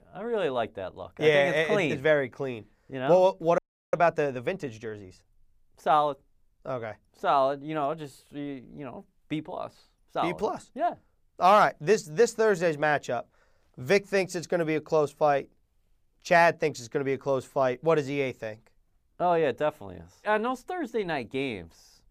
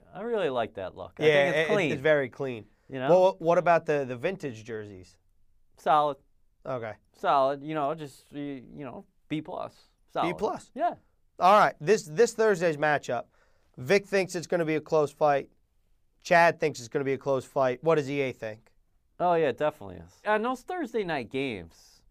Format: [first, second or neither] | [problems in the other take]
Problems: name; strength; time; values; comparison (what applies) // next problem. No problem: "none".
second | audio freezing; at 3.5 s